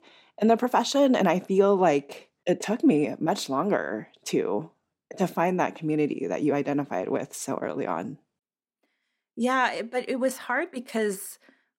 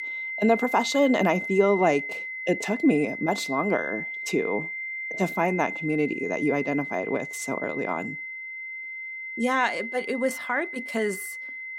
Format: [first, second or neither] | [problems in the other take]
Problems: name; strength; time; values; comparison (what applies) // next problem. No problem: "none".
first | high-pitched whine; loud; throughout; 2 kHz, 6 dB below the speech